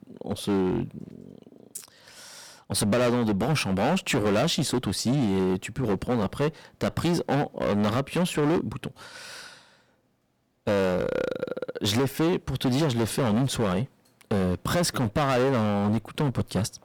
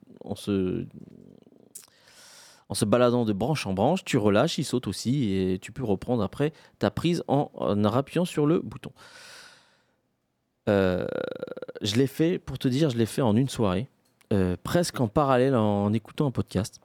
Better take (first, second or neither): second